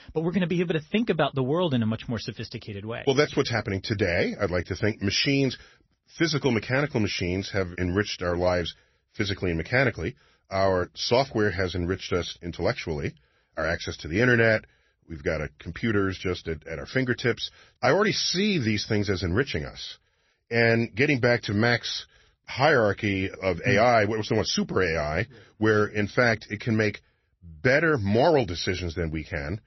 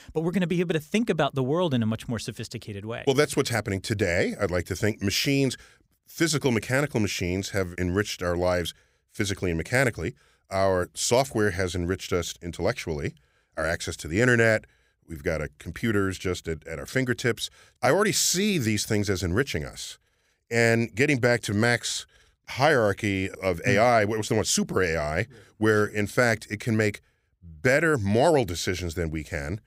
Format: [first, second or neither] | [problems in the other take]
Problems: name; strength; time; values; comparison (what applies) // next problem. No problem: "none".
second | garbled, watery; slightly; nothing above 6 kHz